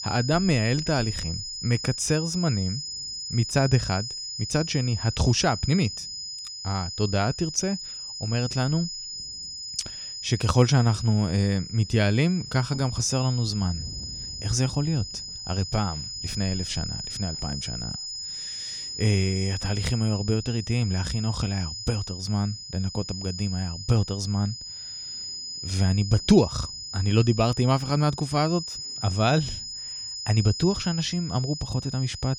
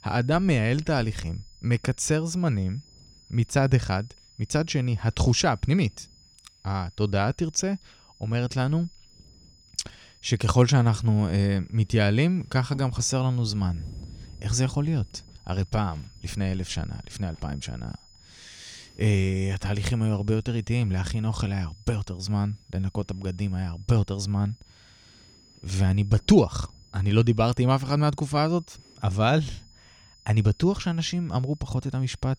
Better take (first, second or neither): second